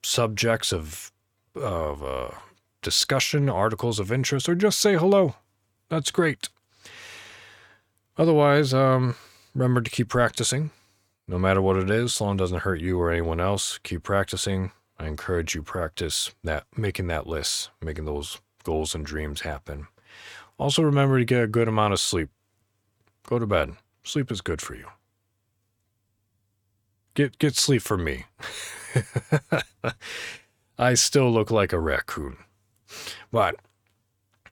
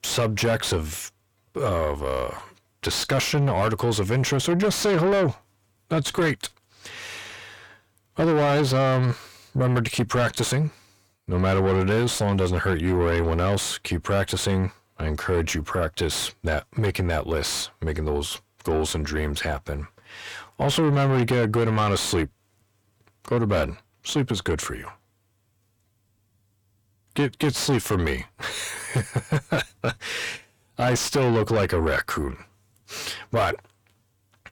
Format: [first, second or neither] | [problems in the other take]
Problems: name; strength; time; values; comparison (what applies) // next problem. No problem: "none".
first | distortion; heavy; 7 dB below the speech